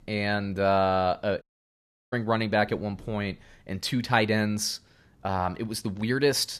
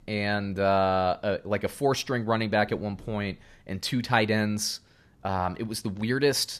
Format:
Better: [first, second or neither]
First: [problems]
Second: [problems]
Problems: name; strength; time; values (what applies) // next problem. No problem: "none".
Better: second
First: audio cutting out; at 1.5 s for 0.5 s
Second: none